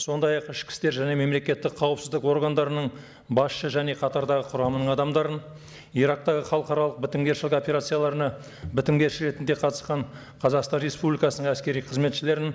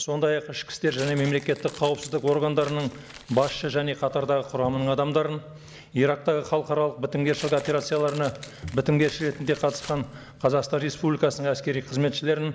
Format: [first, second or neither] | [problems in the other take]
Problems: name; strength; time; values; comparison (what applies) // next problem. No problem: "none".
first | background sound (Tearing); 19 dB below the speech